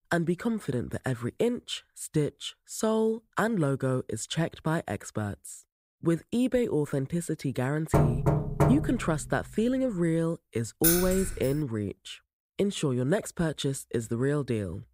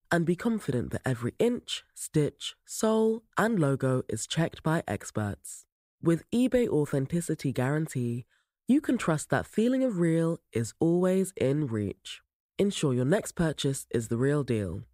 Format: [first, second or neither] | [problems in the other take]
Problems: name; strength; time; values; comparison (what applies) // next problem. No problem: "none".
second | door banging; loud; from 8 to 9 s; peak 4 dB above the speech // jangling keys; loud; at 11 s; peak 5 dB above the speech